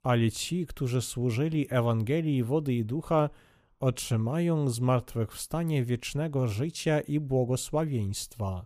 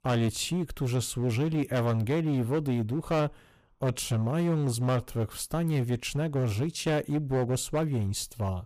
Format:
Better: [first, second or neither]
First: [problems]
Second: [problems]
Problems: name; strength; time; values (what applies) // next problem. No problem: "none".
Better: first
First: none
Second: distortion; slight; 12% of the sound clipped